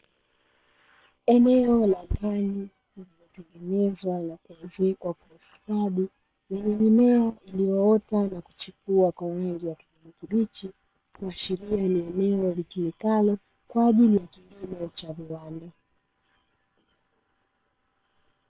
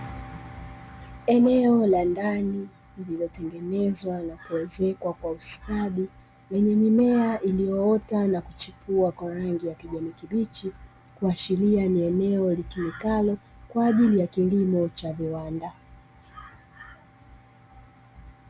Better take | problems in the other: second | noise reduction (neural separator model SepFormer WHAM!)

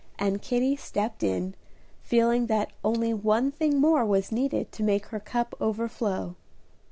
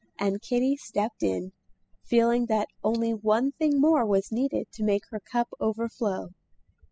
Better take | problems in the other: first | noise reduction (classical method spectral subtraction)

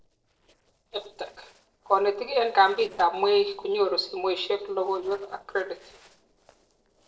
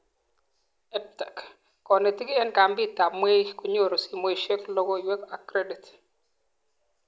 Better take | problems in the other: second | noise reduction (neural separator model SepFormer DNS4)

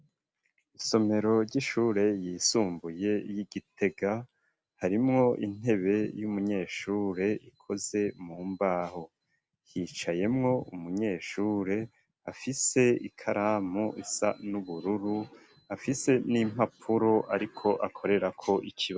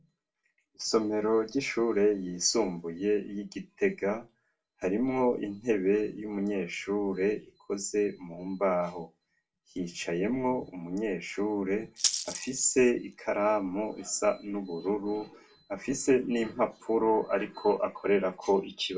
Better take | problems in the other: first | background sound (Rattle (instrument)); 5 dB below the speech // room echo; dies away in 0.2 s

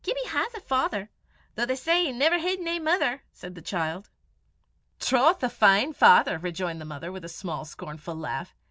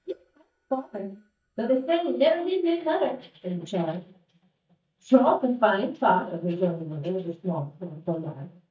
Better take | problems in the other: first | noise reduction (neural mask model DeepFilterNet 3)

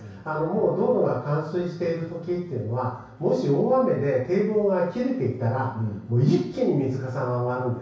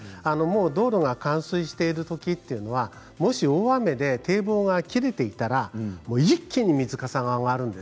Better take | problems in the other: second | room echo; dies away in 0.6 s

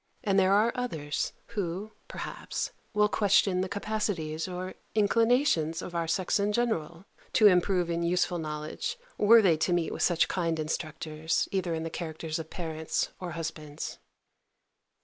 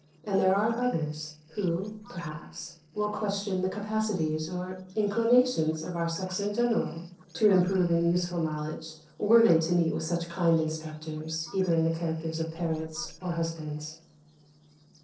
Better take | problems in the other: first | noise reduction (neural separator model SepFormer DNS4)

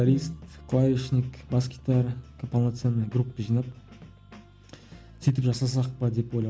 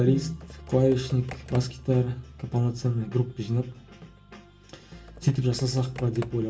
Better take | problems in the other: first | background sound (Computer keyboard); 18 dB below the speech // room echo; dies away in 0.2 s

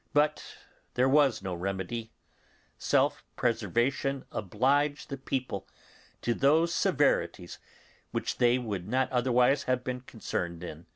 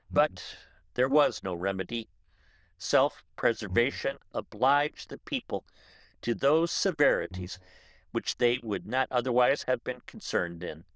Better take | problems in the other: first | noise reduction (neural diffusion model UNIVERSE++)

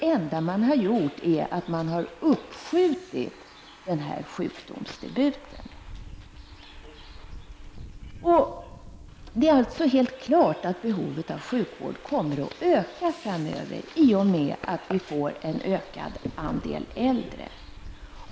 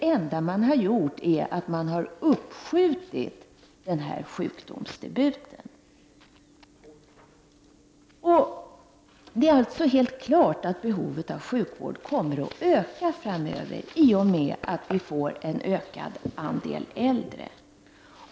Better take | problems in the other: second | background sound (Bus); 19 dB below the speech

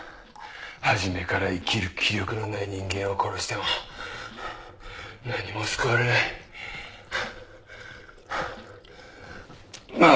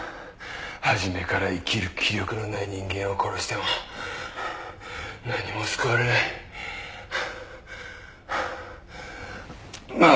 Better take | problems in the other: second | noise reduction (neural separator model SepFormer DNS4)

